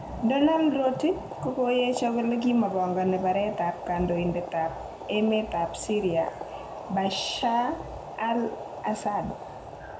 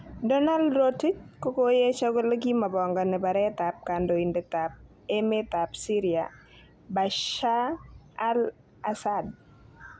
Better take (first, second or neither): second